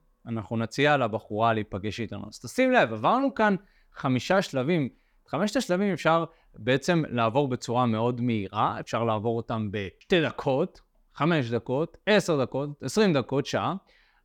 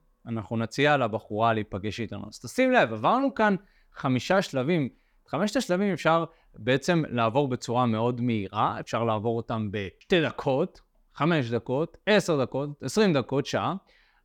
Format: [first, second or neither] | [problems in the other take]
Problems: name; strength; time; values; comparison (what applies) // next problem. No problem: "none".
neither | none